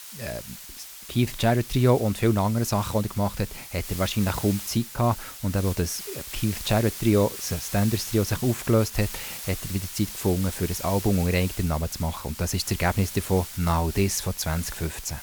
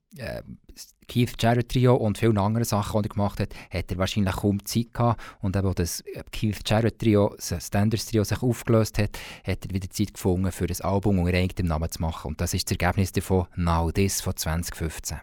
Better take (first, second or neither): second